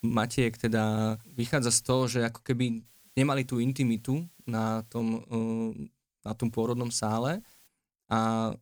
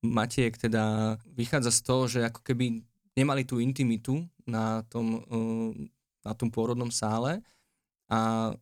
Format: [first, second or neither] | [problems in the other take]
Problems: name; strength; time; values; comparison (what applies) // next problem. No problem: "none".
second | hiss; faint; until 2 s, from 3 to 5 s and from 6.5 to 7.5 s; 25 dB below the speech